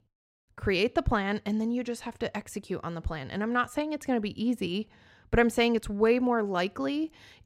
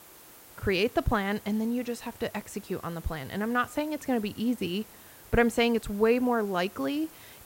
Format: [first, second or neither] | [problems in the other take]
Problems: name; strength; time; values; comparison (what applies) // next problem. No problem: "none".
first | hiss; faint; throughout; 20 dB below the speech